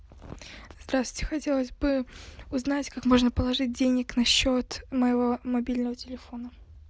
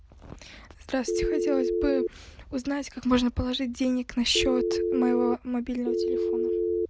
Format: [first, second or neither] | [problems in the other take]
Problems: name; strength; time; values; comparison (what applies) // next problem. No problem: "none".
first | background sound (Telephone); 3 dB above the speech